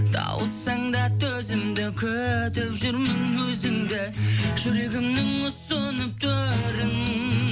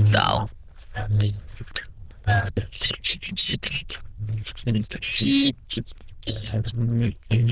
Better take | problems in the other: first | noise reduction (neural diffusion model UNIVERSE++)

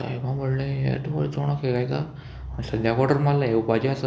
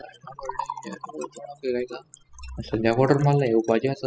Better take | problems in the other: first | noise reduction (classical method spectral subtraction)

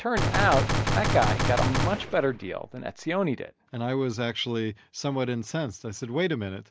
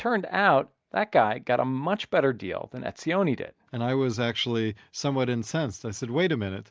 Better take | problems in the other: second | background sound (Gunshot, gunfire); 1 dB above the speech

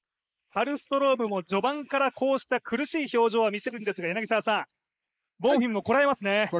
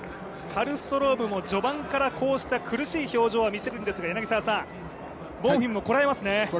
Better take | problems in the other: second | noise reduction (neural mask model Resemble Enhance denoiser)

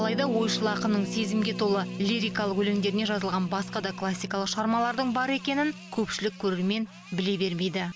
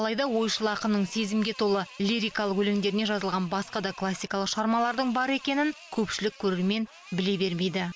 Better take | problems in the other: second | background sound (Harp); 9 dB below the speech

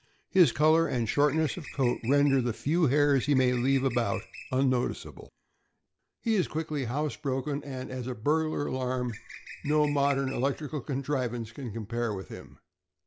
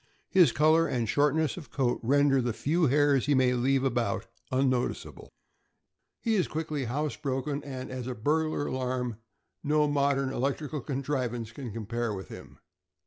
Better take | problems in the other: second | background sound (Bird); 17 dB below the speech

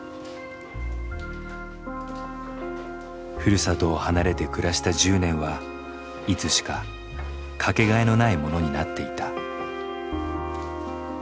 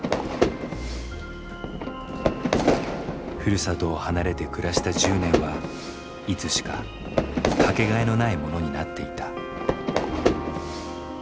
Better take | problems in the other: first | background sound (Fire / Fireworks); as loud as the speech

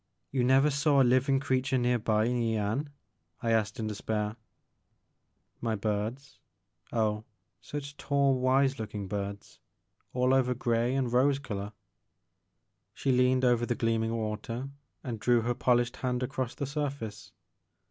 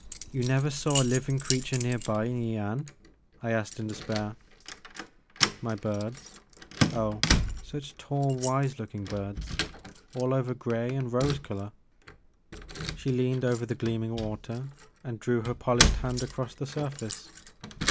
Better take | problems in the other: first | background sound (Keys jangling); 3 dB below the speech

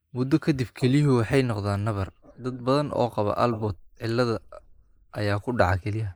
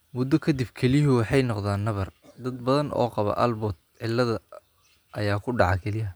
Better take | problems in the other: second | noise reduction (neural mask model Resemble Enhance denoiser)

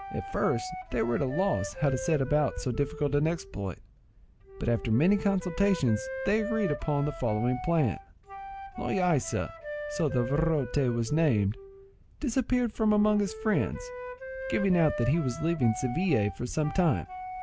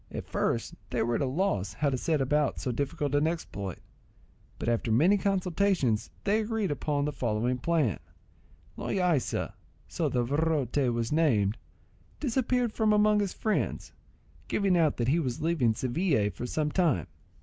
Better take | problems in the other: second | background sound (Wind instrument, woodwind instrument); 11 dB below the speech

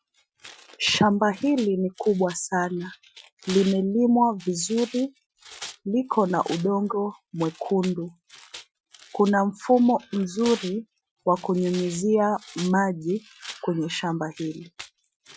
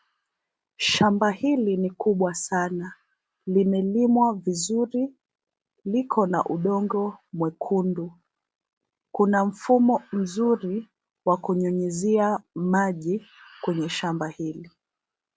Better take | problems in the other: second | noise reduction (classical method Wiener filter)

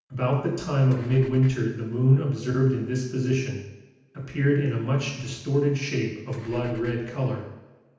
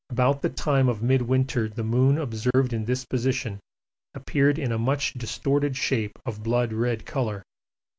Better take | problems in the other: second | background sound (Engine / Car); 19 dB below the speech // room echo; dies away in 0.9 s

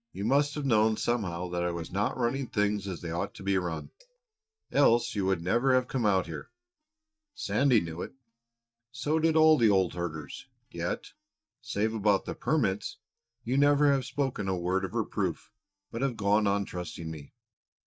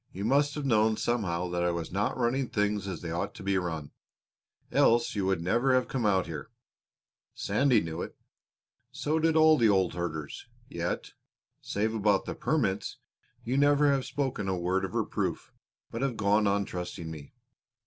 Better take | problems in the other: second | noise reduction (neural mask model DeepFilterNet 3)

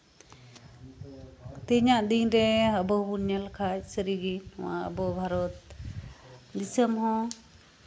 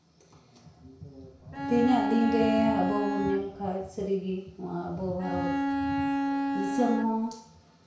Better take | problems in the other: first | background sound (Bowed string instrument); 1 dB above the speech // room echo; dies away in 0.6 s

